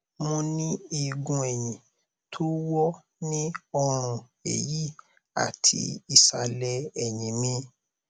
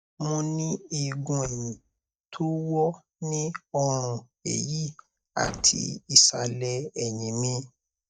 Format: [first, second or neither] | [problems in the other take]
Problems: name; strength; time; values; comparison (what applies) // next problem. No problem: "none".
first | noise reduction (neural mask model DeepFilterNet 3)